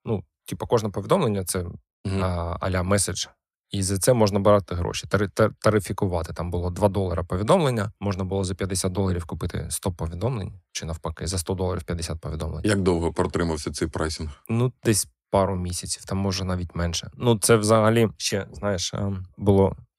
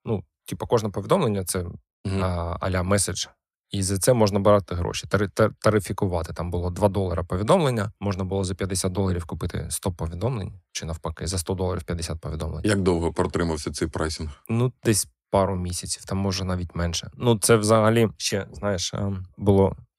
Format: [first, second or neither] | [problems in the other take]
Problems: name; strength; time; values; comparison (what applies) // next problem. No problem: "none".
neither | none